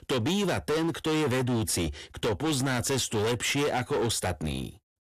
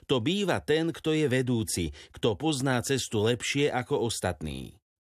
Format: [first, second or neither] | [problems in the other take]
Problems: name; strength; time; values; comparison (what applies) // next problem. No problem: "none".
second | distortion; heavy; 26% of the sound clipped